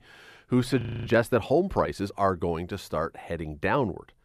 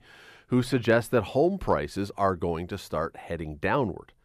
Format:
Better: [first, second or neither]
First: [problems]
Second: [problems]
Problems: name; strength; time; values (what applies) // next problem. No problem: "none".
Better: second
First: audio freezing; at 1 s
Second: none